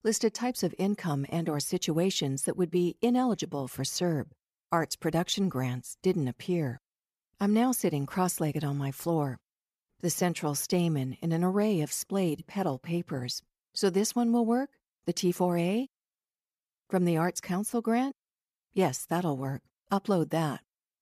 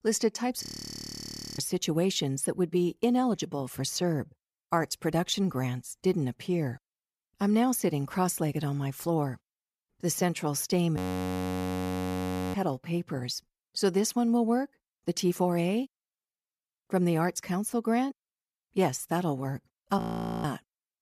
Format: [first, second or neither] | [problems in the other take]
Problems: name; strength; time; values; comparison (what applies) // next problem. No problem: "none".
first | audio freezing; at 0.5 s for 1 s, at 11 s for 1.5 s and at 20 s